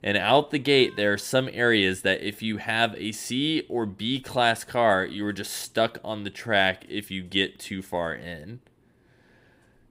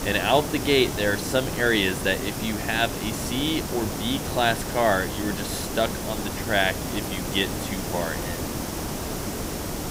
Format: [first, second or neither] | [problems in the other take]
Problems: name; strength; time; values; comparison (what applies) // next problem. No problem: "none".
first | hiss; loud; throughout; 5 dB below the speech